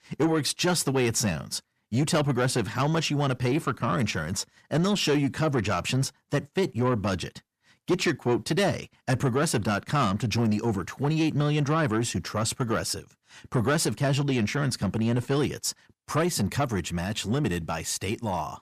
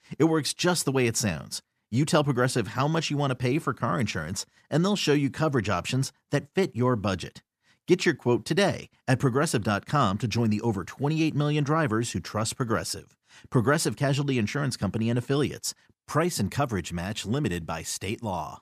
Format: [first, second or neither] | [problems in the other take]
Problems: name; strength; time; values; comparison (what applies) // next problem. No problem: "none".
second | distortion; slight; 10 dB below the speech